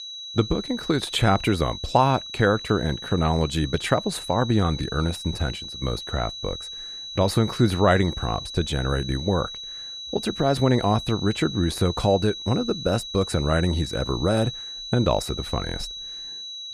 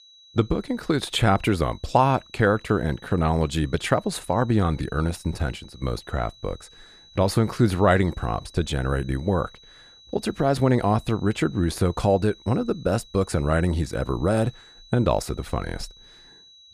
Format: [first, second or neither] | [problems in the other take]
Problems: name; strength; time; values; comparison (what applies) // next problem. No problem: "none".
second | high-pitched whine; loud; throughout; 4 kHz, 9 dB below the speech; faint in the second